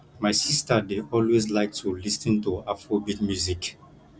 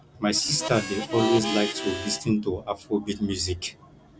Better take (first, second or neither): first